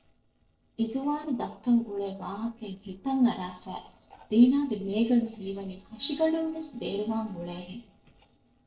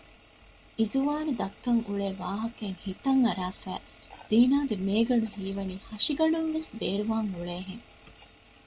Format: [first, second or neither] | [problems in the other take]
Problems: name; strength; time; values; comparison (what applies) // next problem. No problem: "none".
second | noise reduction (neural separator model SepFormer DNS4)